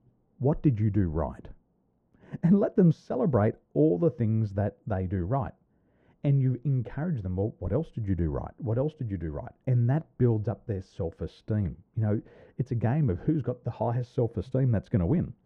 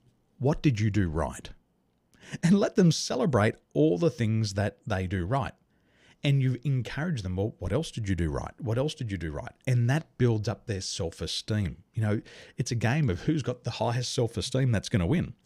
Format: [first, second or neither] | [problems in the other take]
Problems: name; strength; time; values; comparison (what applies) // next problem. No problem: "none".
second | muffled; very; fading above 2 kHz